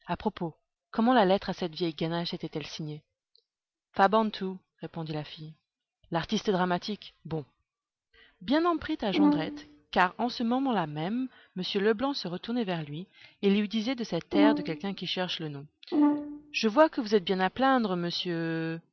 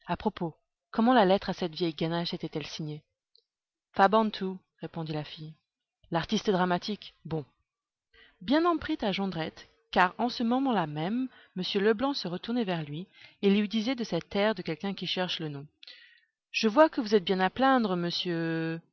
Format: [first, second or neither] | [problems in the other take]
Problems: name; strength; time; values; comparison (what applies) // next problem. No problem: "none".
second | background sound (Brass instrument); 1 dB above the speech